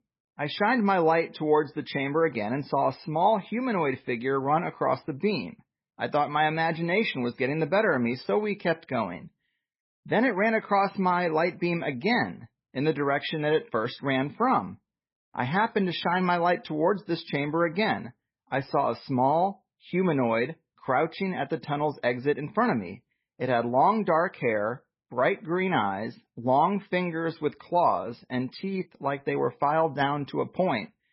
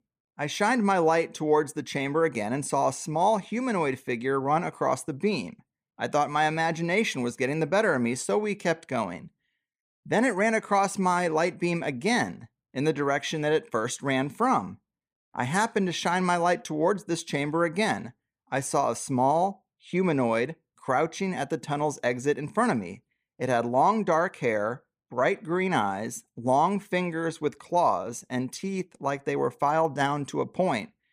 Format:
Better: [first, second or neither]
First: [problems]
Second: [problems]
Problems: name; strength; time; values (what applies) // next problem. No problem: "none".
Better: second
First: garbled, watery; badly; nothing above 5.5 kHz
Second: none